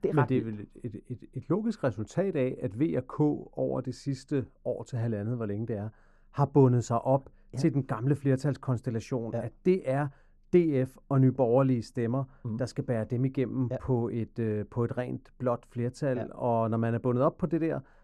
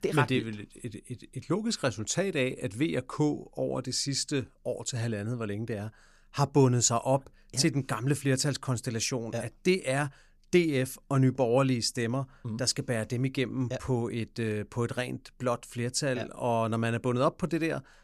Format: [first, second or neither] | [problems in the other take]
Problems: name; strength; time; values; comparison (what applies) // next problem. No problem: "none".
second | muffled; very; fading above 2 kHz